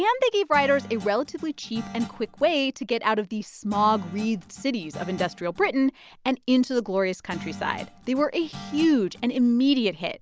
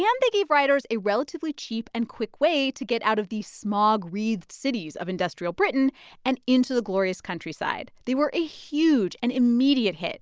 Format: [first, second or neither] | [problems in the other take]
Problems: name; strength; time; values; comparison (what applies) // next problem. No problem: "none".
second | background sound (Guitar); 16 dB below the speech